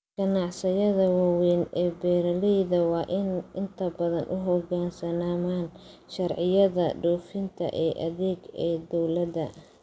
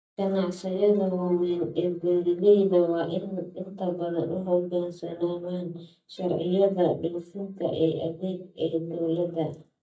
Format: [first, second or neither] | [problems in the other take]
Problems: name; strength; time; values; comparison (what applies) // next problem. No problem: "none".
first | noise reduction (neural mask model DeepFilterNet 3)